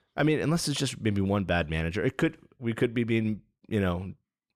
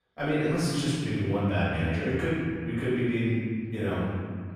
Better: first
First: none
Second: off-mic speech; far // room echo; strong; dies away in 2 s

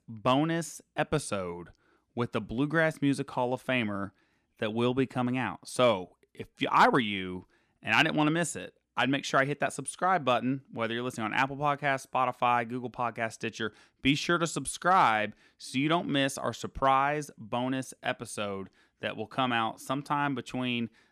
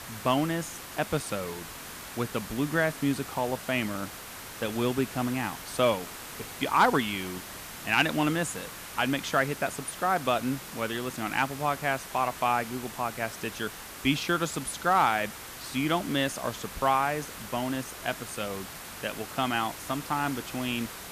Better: first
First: none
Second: hiss; noticeable; throughout; 10 dB below the speech

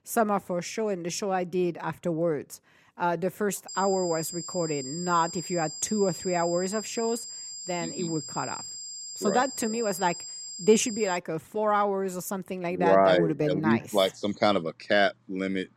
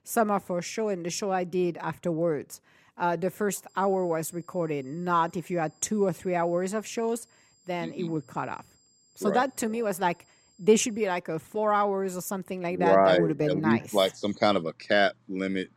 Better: second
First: high-pitched whine; loud; from 3.5 to 11 s; 7.5 kHz, 9 dB below the speech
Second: high-pitched whine; faint; from 3.5 to 11 s; 7.5 kHz, 35 dB below the speech

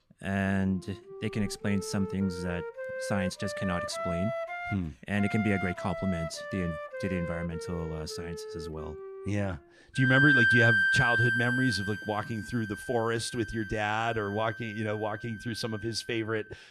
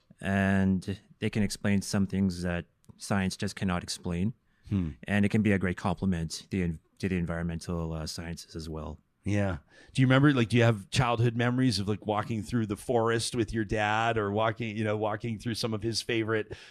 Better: second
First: background music; very loud; throughout; 1 dB above the speech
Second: none

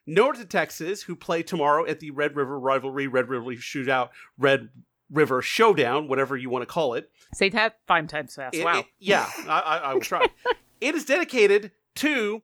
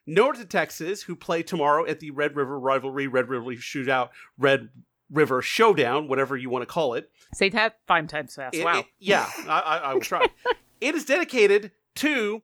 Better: neither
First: none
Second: none

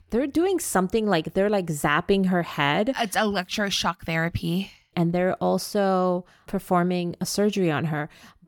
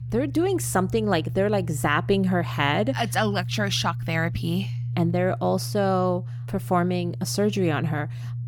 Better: first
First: none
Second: low rumble; noticeable; throughout; 20 dB below the speech

